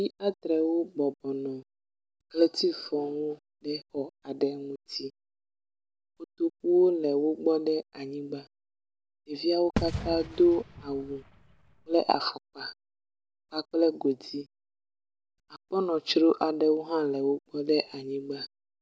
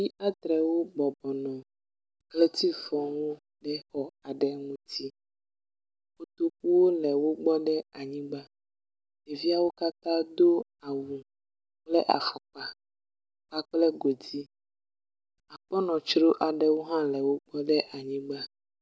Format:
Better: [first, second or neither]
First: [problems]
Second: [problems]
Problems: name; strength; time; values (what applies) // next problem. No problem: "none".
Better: second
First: background sound (Fireworks); 8 dB below the speech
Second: none